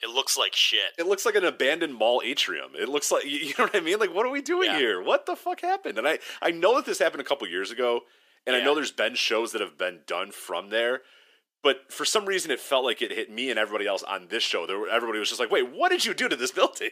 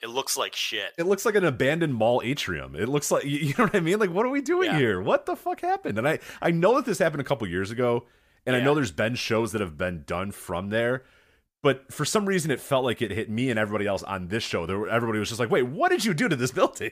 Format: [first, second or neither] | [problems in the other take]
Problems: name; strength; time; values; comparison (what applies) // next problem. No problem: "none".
second | thin; somewhat; fading below 300 Hz